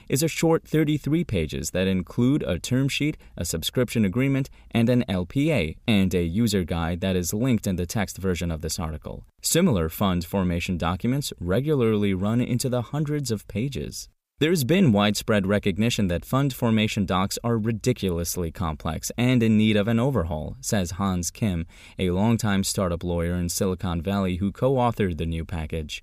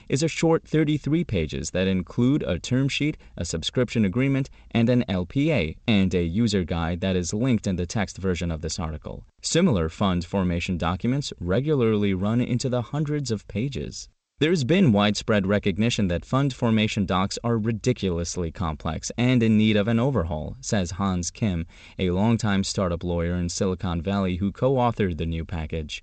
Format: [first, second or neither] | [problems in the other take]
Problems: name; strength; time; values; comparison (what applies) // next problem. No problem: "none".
first | garbled, watery; slightly; nothing above 8 kHz